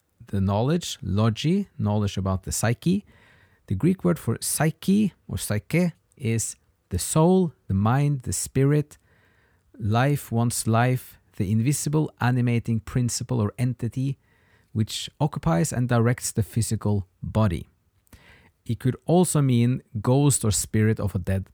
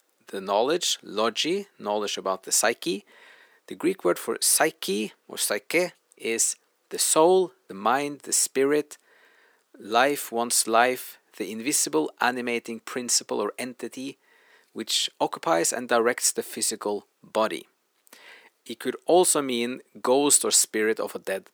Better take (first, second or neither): first